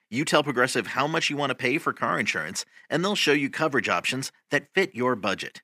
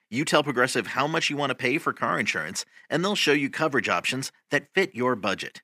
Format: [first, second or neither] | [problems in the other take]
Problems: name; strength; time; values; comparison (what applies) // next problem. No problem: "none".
neither | thin; somewhat; fading below 250 Hz; the same in both